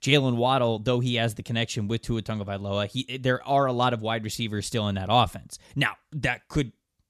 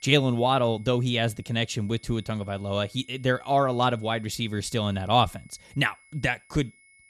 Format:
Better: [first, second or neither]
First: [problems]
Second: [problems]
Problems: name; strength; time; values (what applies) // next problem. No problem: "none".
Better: first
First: none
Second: high-pitched whine; faint; throughout; 2 kHz, 30 dB below the speech